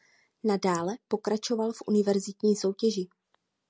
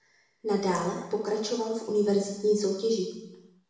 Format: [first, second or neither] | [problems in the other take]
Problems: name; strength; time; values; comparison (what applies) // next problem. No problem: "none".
first | room echo; dies away in 0.9 s